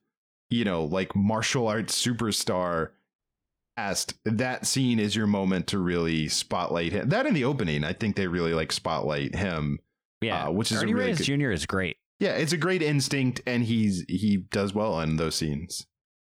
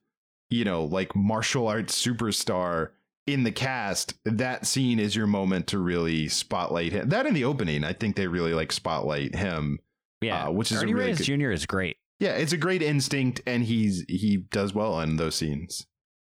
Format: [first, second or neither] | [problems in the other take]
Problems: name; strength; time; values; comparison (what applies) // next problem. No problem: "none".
second | audio cutting out; at 3 s for 0.5 s